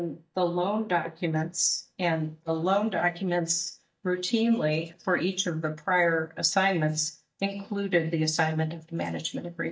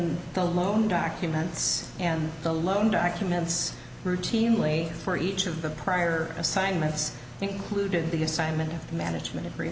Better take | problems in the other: second | noise reduction (neural mask model DeepFilterNet 3)

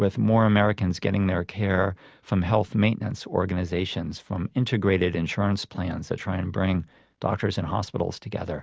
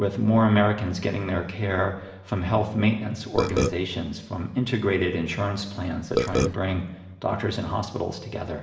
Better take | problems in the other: first | background sound (Burping, eructation); 2 dB above the speech // room echo; dies away in 1.1 s

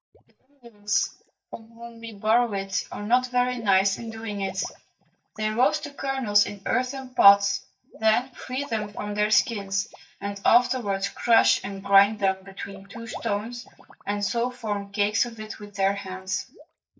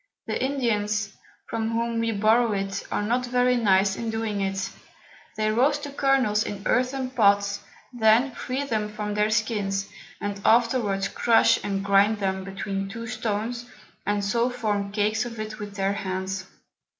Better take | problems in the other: second | noise reduction (neural mask model DeepFilterNet 3)

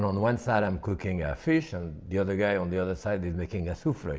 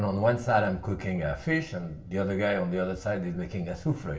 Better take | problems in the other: first | room echo; dies away in 0.4 s

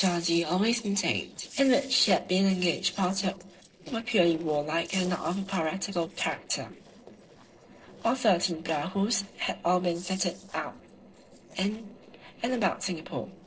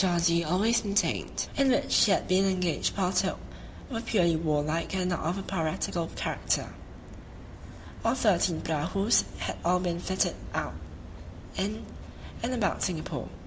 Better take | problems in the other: second | noise reduction (neural separator model SepFormer DNS4)

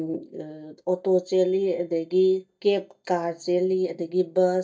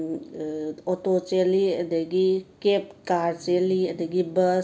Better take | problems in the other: second | noise reduction (neural mask model DeepFilterNet 3)

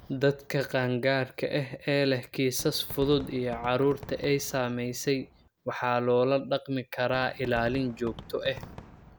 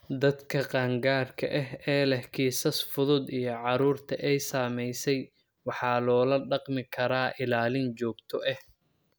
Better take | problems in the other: second | background sound (Fireworks); 19 dB below the speech

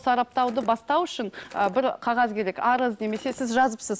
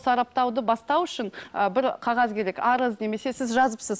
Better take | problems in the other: second | background sound (Skateboard); 19 dB below the speech

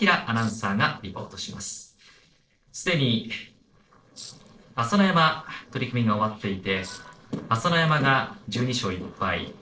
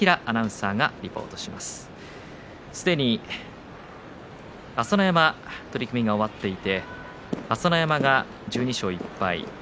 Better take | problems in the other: second | noise reduction (neural separator model SepFormer DNS4)

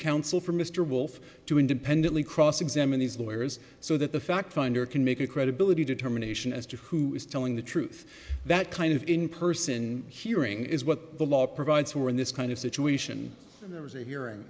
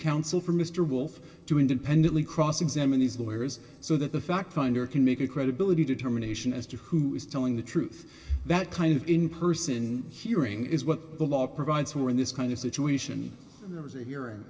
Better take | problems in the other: first | room echo; dies away in 2.7 s

